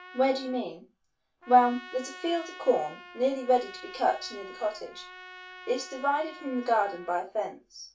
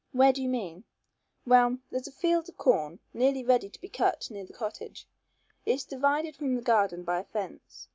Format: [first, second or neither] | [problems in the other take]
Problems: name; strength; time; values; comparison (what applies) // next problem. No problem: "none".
second | background sound (Trumpet); 18 dB below the speech // room echo; dies away in 0.2 s